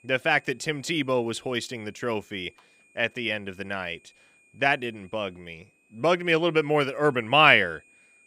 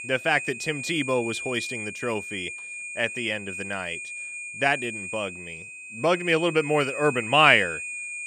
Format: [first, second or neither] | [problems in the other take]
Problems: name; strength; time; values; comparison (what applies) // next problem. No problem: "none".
first | high-pitched whine; loud; throughout; 2.5 kHz, 9 dB below the speech; faint in the first